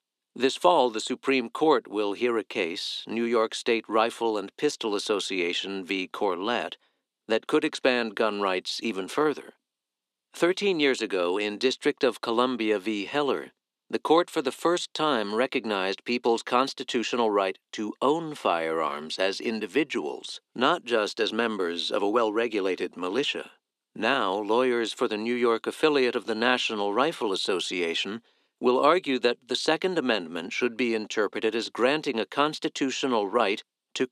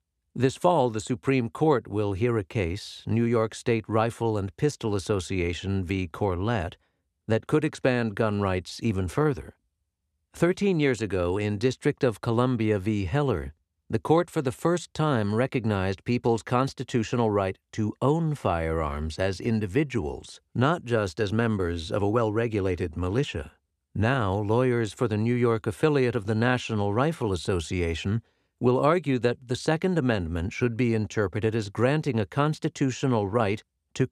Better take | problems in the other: second | thin; somewhat; fading below 250 Hz

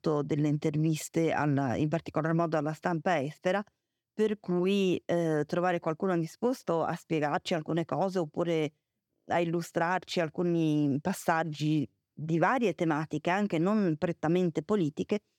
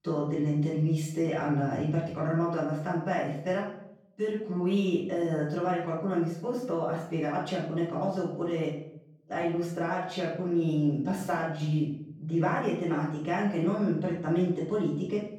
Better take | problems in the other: first | off-mic speech; far // room echo; noticeable; dies away in 0.6 s

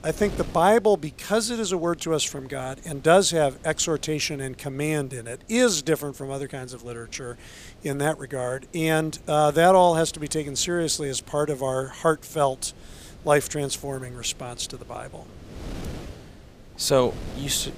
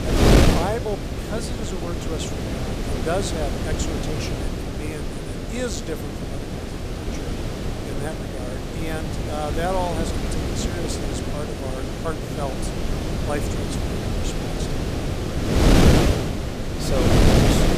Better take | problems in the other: first | wind noise on the microphone; heavy; 4 dB above the speech; occasional gusts in the first

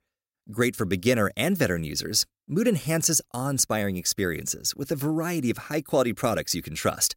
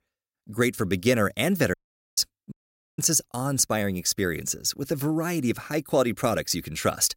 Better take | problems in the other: first | audio cutting out; at 1.5 s and at 2.5 s

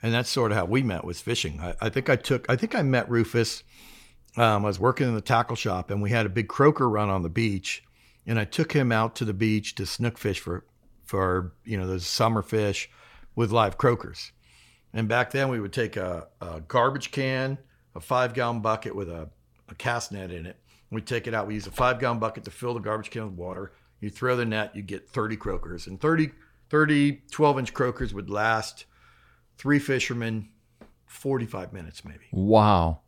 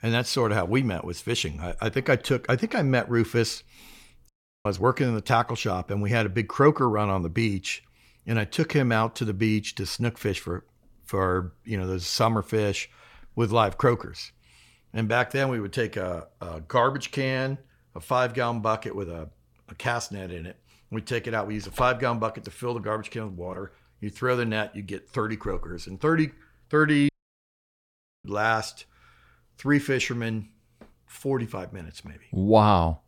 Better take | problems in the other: first | audio cutting out; at 4.5 s and at 27 s for 1 s

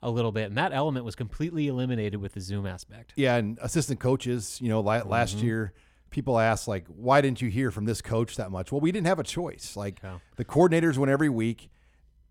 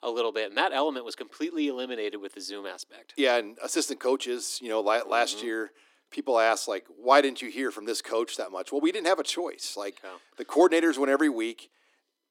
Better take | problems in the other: first | thin; somewhat; fading below 300 Hz

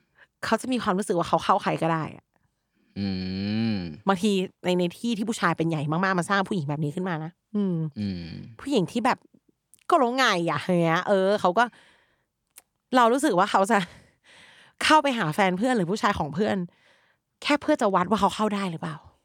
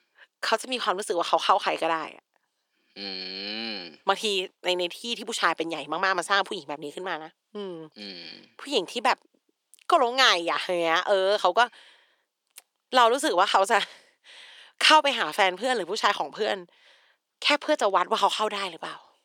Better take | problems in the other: first | thin; somewhat; fading below 400 Hz

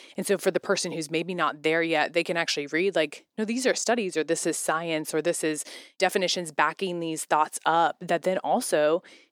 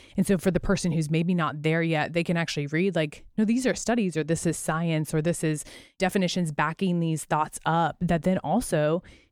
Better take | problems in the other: second | thin; somewhat; fading below 300 Hz

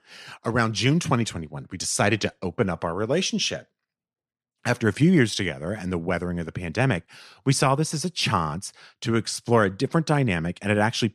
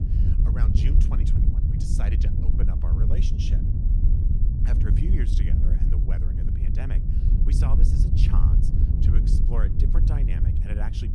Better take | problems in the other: first | wind noise on the microphone; heavy; 2 dB above the speech

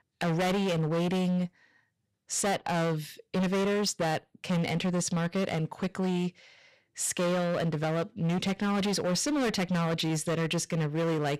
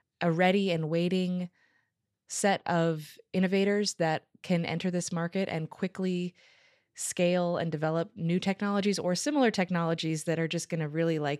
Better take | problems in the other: second | distortion; heavy; 25% of the sound clipped

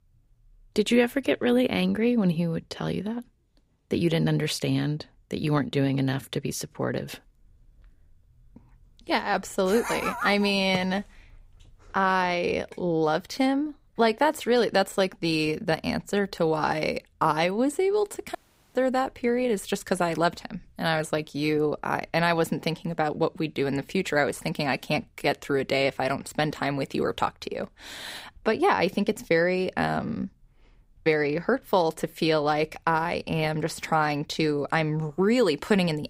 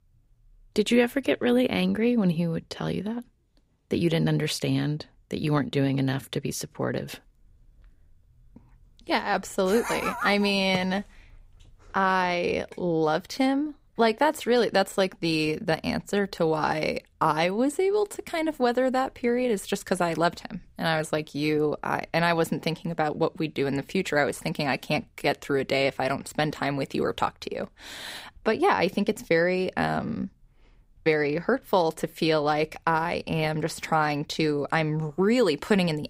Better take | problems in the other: second | audio cutting out; at 18 s

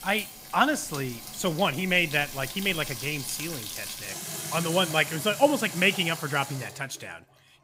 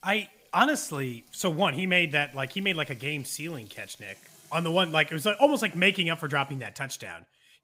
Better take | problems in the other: second | household noises; loud; throughout; 9 dB below the speech; faint in the second

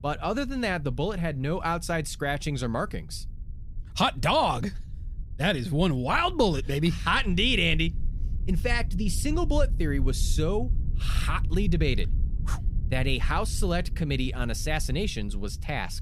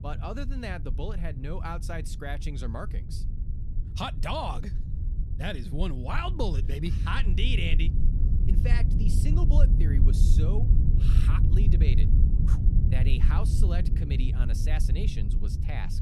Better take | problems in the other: first | low rumble; loud; throughout; 6 dB below the speech; faint in the first

